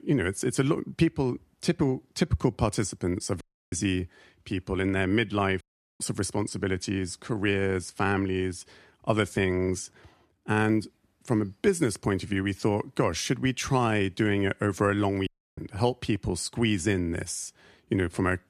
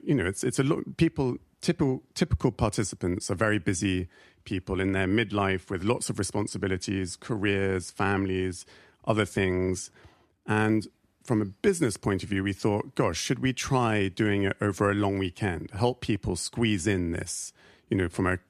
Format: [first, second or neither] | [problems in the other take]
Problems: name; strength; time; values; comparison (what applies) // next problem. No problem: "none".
second | audio cutting out; at 3.5 s, at 5.5 s and at 15 s